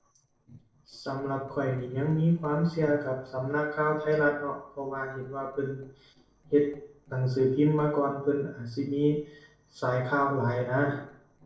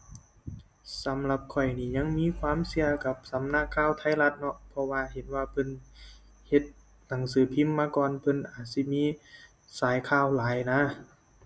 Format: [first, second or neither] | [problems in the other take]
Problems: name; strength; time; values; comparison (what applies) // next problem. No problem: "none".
second | noise reduction (neural separator model SepFormer DNS4)